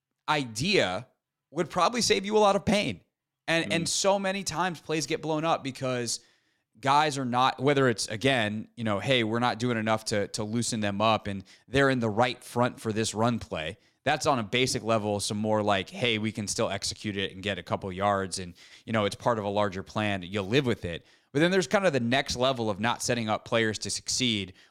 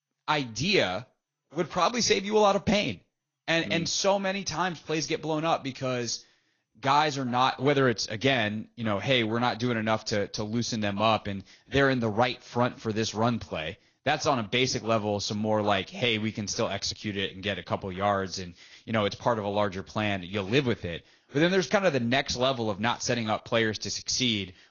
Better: first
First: none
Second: garbled, watery; slightly; nothing above 6.5 kHz

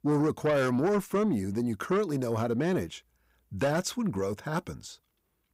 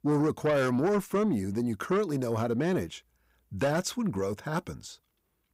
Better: neither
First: distortion; slight; 10 dB below the speech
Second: distortion; slight; 10 dB below the speech

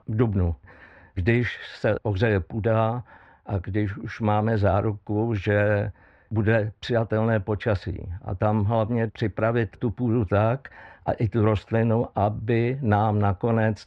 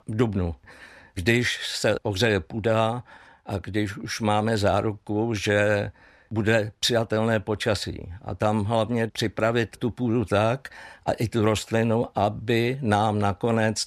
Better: second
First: muffled; very; fading above 2 kHz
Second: none

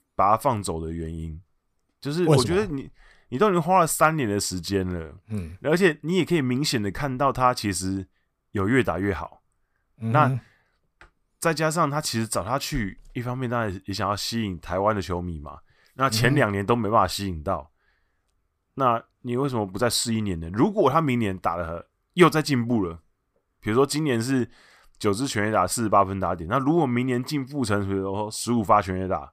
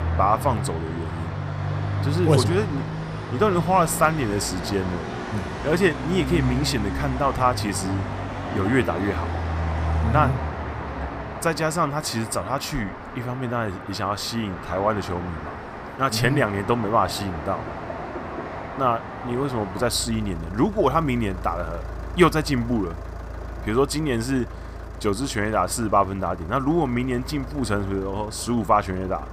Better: first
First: none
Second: traffic noise; loud; throughout; 7 dB below the speech

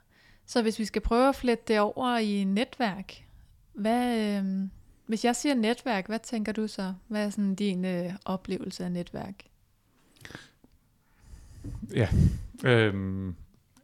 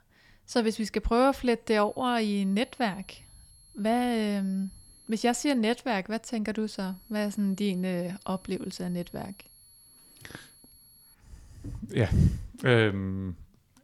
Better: first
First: none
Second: high-pitched whine; faint; from 1.5 to 5.5 s and from 7 to 11 s; 11.5 kHz, 25 dB below the speech

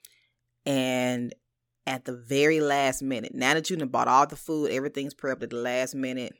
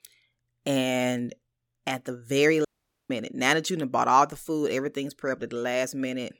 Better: first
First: none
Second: audio cutting out; at 2.5 s

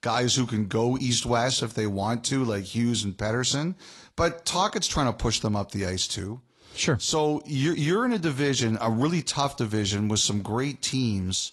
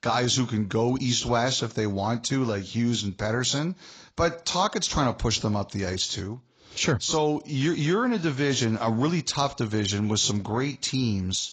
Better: first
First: garbled, watery; slightly; nothing above 11 kHz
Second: garbled, watery; badly; nothing above 7.5 kHz

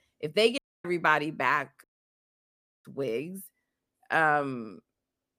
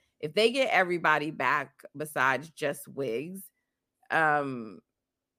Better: second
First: audio cutting out; at 0.5 s and at 2 s for 1 s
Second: none

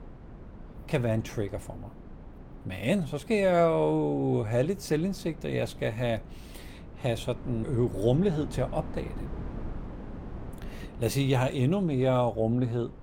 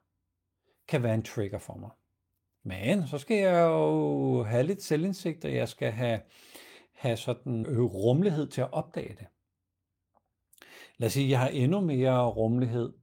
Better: second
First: wind noise on the microphone; occasional gusts; 20 dB below the speech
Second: none

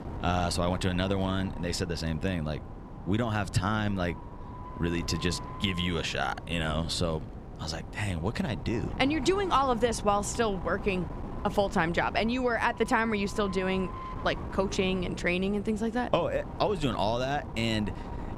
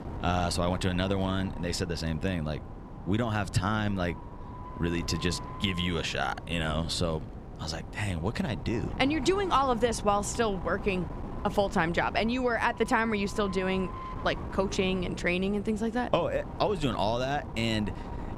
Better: neither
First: wind noise on the microphone; occasional gusts; 15 dB below the speech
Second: wind noise on the microphone; occasional gusts; 15 dB below the speech

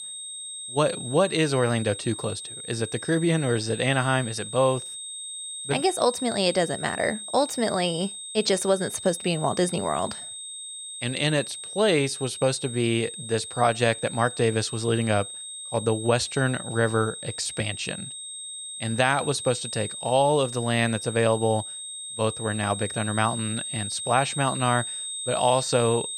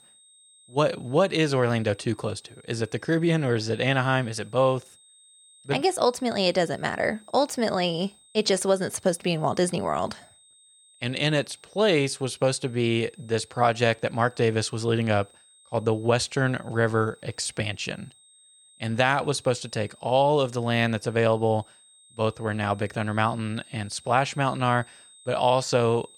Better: second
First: high-pitched whine; loud; throughout; 8.5 kHz, 8 dB below the speech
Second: high-pitched whine; faint; throughout; 8.5 kHz, 25 dB below the speech

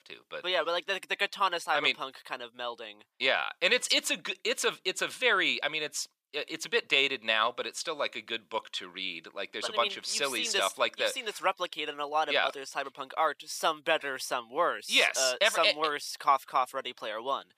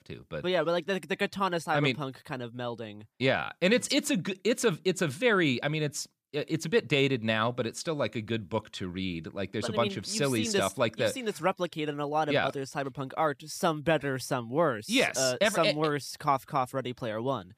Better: second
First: thin; very; fading below 600 Hz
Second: none

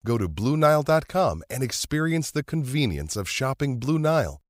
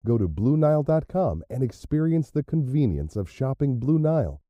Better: first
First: none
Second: muffled; very; fading above 1 kHz

